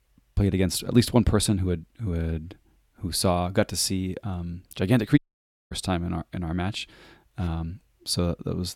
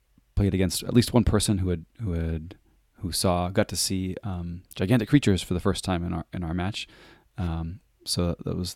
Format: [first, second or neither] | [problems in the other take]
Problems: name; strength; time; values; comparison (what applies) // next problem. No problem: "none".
second | audio cutting out; at 5 s for 0.5 s